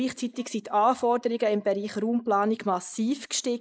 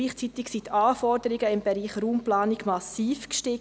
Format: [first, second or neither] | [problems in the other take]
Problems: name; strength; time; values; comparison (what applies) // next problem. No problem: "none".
second | noise reduction (neural mask model Resemble Enhance denoiser)